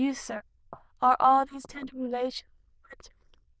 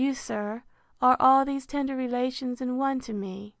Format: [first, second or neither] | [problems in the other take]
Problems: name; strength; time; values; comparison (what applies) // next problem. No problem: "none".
second | noise reduction (neural diffusion model UNIVERSE++)